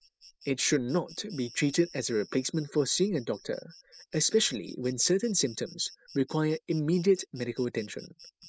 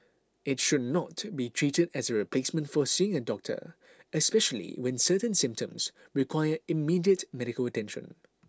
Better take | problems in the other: second | noise reduction (classical method spectral subtraction)

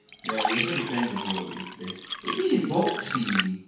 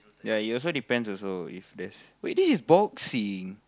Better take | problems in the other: second | background sound (Fill (with liquid)); 3 dB below the speech // room echo; dies away in 0.6 s

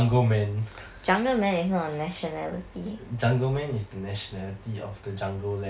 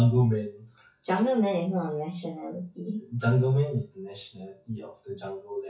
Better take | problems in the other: first | noise reduction (classical method WPE with log-MMSE)

